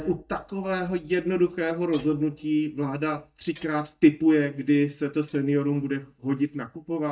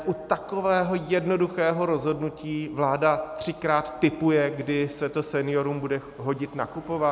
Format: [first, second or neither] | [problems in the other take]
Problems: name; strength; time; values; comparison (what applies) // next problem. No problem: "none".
second | noise reduction (neural mask model DeepFilterNet 3)